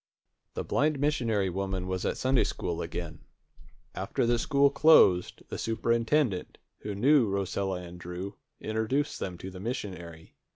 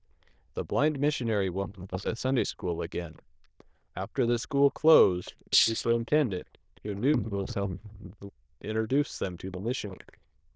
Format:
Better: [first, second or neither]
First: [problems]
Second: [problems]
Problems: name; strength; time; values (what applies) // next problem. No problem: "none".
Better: first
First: none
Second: noise reduction (neural diffusion model UNIVERSE++)